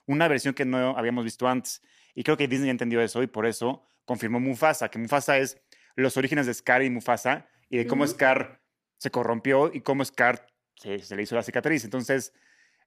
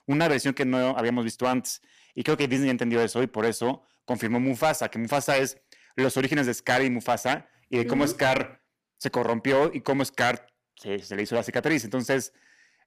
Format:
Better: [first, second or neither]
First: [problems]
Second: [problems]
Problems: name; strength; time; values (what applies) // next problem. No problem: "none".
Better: first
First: none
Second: distortion; slight; 6% of the sound clipped